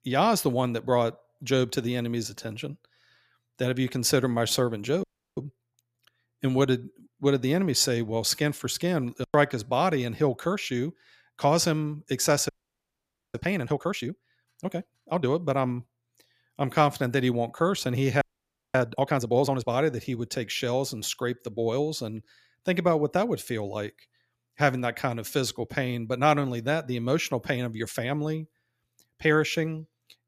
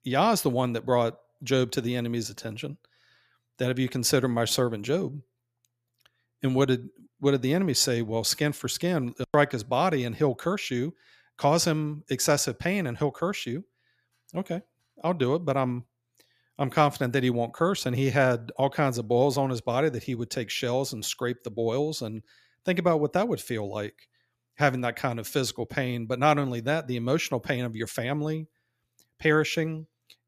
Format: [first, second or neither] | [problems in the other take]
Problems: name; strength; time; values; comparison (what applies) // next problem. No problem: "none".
second | audio freezing; at 5 s, at 12 s for 1 s and at 18 s for 0.5 s